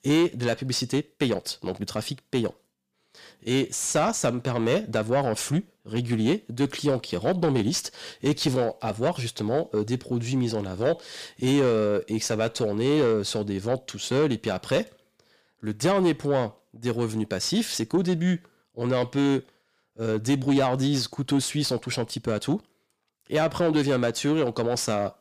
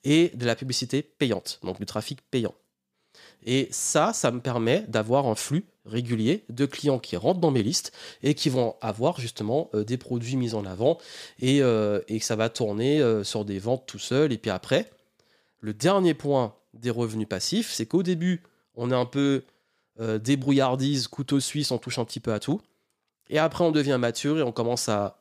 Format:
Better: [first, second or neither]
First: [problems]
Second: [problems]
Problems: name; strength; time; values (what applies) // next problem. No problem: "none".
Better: second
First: distortion; slight; 10 dB below the speech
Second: none